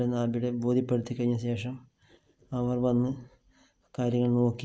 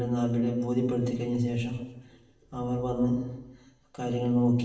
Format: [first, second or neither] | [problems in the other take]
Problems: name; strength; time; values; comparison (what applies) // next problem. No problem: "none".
first | room echo; dies away in 1 s